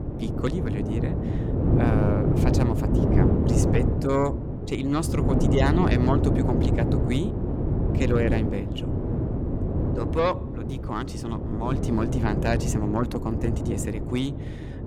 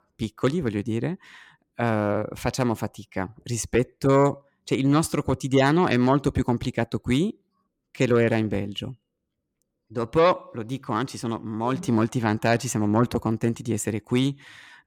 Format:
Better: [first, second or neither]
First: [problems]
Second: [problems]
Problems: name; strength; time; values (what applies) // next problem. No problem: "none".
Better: second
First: wind noise on the microphone; heavy; 2 dB below the speech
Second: none